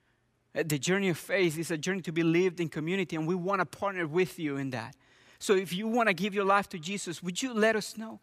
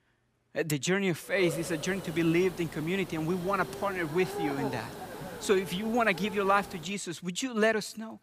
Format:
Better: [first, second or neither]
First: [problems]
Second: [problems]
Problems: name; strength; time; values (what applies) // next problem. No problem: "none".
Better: first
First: none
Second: hiss; noticeable; from 1.5 to 7 s; 10 dB below the speech